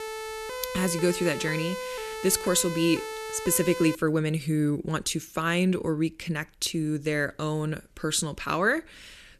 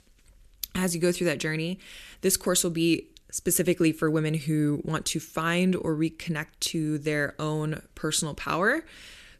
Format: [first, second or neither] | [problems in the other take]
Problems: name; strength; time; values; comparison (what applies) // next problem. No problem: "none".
second | siren; noticeable; until 4 s; peak 7 dB below the speech